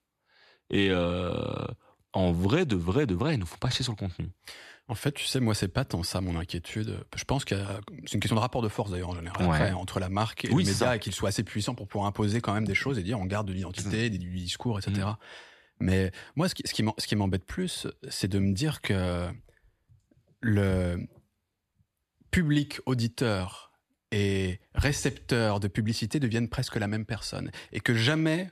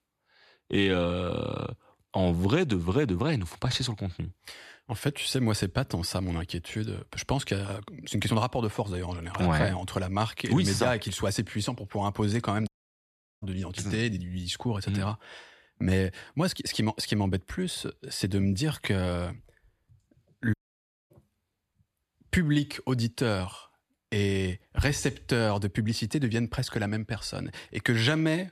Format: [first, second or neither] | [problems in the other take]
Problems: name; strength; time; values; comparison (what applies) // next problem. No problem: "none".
first | audio cutting out; at 13 s for 0.5 s and at 21 s for 0.5 s